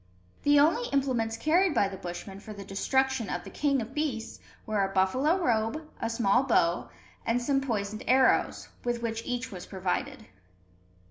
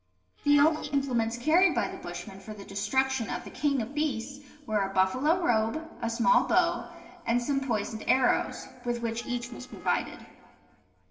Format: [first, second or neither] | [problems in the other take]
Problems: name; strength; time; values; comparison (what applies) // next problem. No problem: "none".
first | noise reduction (neural separator model SepFormer DNS4)